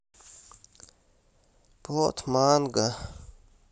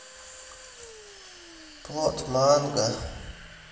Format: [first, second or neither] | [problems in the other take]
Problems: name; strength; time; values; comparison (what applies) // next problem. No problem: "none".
first | background sound (Domestic sounds, home sounds); 18 dB below the speech // room echo; dies away in 1.1 s